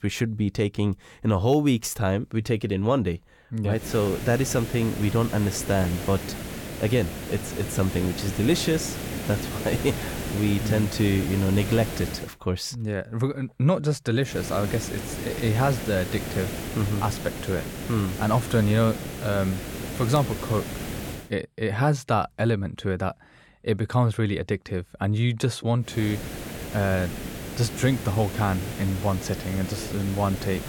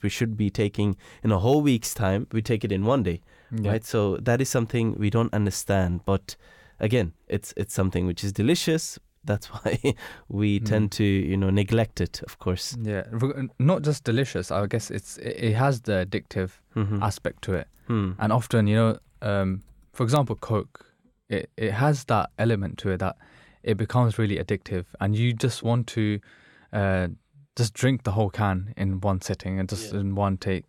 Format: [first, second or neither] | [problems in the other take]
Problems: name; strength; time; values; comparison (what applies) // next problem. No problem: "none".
second | hiss; loud; from 4 to 12 s, from 14 to 21 s and from 26 s on; 8 dB below the speech